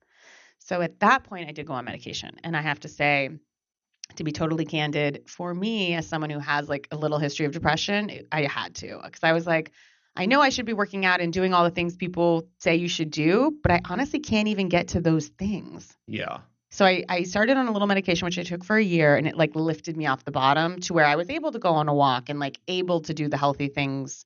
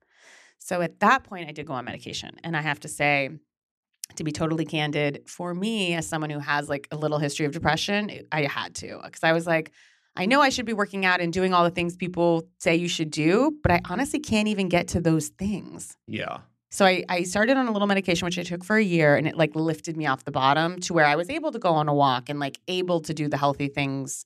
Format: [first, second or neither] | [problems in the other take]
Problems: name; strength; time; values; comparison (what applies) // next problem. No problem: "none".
second | garbled, watery; slightly; nothing above 6.5 kHz